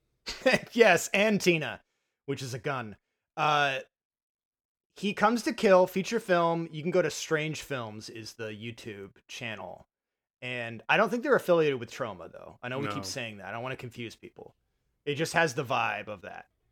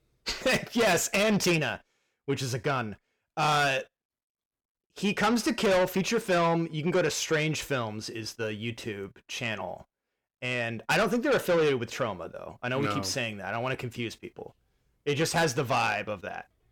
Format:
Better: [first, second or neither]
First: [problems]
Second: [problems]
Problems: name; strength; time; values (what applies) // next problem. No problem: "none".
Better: first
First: none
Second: distortion; heavy; 6 dB below the speech